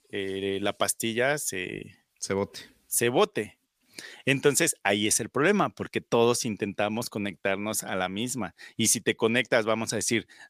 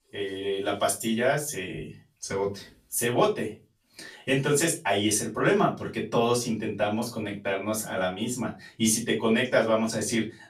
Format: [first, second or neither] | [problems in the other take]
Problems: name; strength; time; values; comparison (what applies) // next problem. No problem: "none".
first | off-mic speech; far // room echo; very slight; dies away in 0.2 s